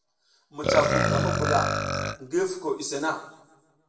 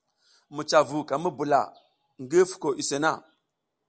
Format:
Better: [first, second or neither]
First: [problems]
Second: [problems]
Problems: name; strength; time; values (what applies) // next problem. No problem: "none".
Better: second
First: background sound (Burping, eructation); 2 dB above the speech // room echo; dies away in 0.7 s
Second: none